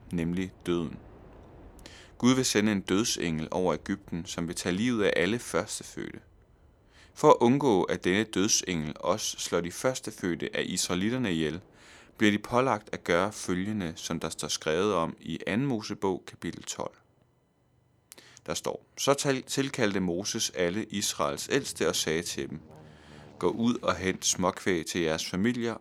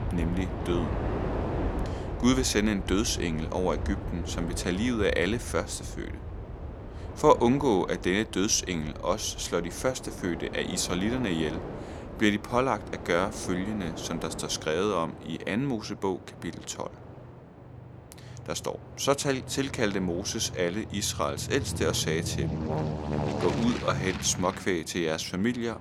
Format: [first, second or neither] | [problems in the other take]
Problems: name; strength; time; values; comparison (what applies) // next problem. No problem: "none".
first | train or aircraft noise; loud; throughout; 8 dB below the speech; faint in the first